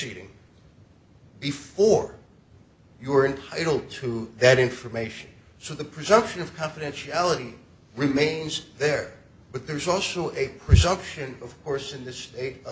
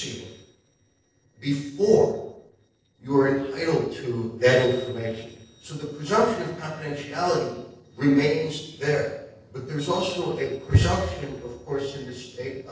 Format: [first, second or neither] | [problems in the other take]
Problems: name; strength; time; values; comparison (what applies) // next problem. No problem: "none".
first | noise reduction (neural separator model SepFormer DNS4)